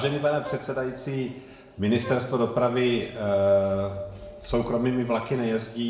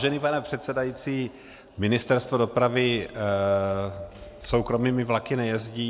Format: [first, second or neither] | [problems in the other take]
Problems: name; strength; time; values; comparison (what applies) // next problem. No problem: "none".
second | background sound (Wind instrument, woodwind instrument); 14 dB below the speech // room echo; dies away in 0.8 s